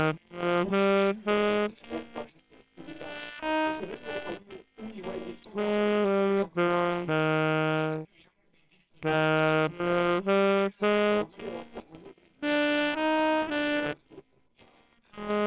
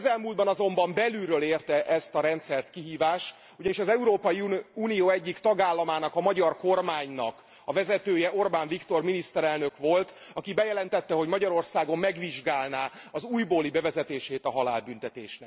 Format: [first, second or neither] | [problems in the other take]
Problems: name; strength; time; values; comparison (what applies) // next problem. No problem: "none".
second | noise reduction (neural separator model SepFormer WHAMR!)